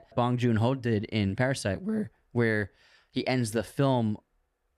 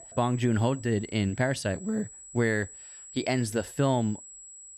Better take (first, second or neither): first